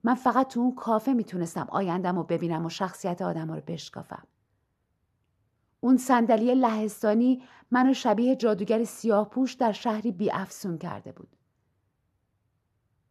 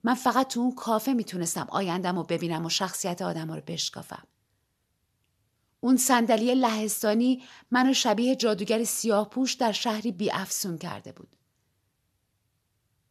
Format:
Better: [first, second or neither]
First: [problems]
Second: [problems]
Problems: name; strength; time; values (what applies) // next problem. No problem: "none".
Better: second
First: muffled; slightly; fading above 2.5 kHz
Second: none